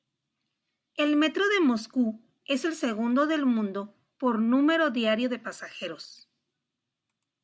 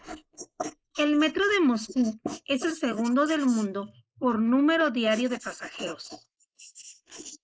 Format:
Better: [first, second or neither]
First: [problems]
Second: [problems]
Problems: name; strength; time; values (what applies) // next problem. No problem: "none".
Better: first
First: none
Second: noise reduction (neural mask model Resemble Enhance denoiser)